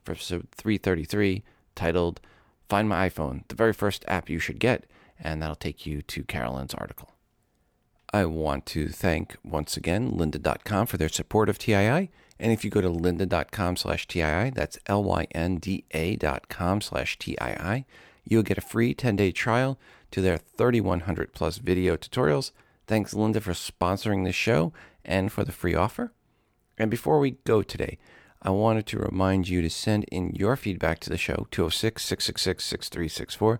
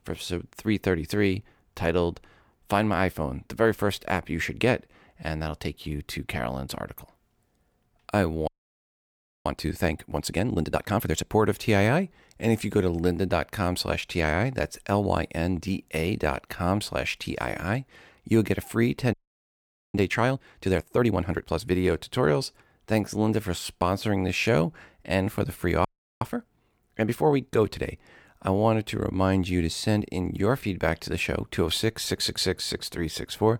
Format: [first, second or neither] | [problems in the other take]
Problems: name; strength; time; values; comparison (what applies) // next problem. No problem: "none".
first | audio freezing; at 8.5 s for 1 s, at 19 s for 1 s and at 26 s